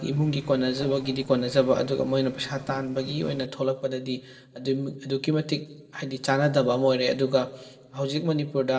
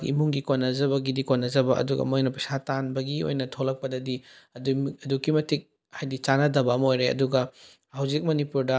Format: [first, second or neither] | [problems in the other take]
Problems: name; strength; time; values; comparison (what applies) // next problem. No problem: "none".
second | noise reduction (neural separator model SepFormer DNS4)